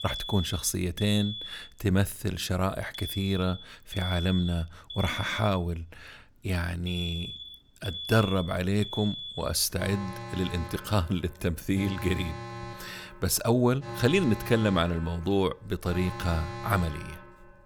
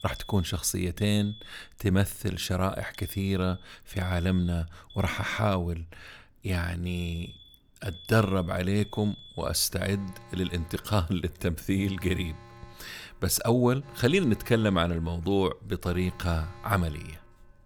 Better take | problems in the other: second | alarms or sirens; loud; throughout; 10 dB below the speech; faint in the second

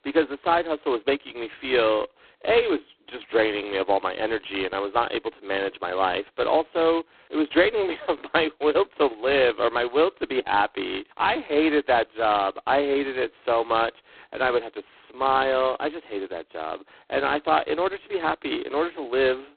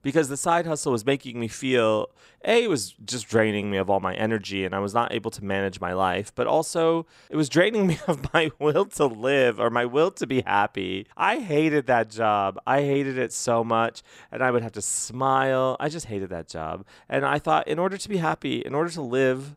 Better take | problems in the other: second | phone-call audio; poor line; nothing above 4 kHz

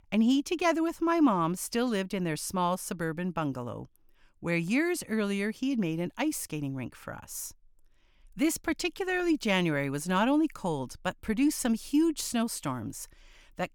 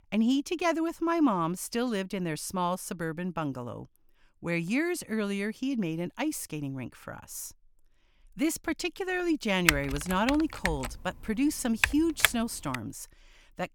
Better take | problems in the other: first | keyboard typing; loud; from 9.5 to 13 s; peak 4 dB above the speech

